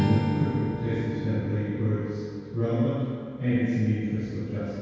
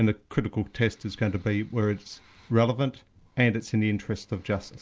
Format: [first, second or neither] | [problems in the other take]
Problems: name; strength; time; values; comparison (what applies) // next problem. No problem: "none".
second | background sound (Strum); 6 dB below the speech // room echo; dies away in 2 s